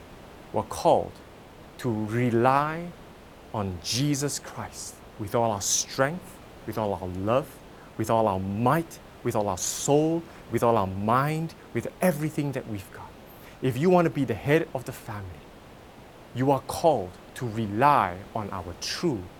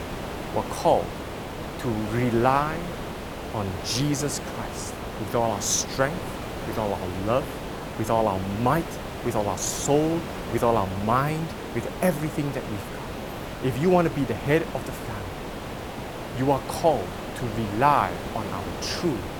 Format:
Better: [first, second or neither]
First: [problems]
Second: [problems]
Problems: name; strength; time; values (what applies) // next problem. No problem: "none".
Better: first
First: hiss; faint; throughout; 20 dB below the speech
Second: hiss; loud; throughout; 8 dB below the speech